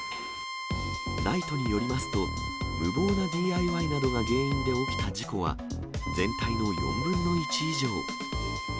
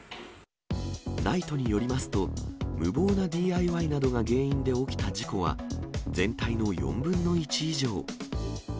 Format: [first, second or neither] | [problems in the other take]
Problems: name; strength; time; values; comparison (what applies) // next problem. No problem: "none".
second | background sound (Bowed string instrument); 7 dB below the speech